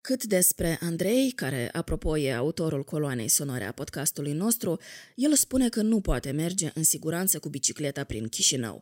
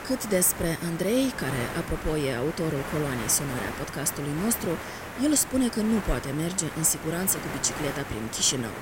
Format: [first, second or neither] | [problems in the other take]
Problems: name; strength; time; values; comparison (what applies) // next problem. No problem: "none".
first | hiss; loud; throughout; 9 dB below the speech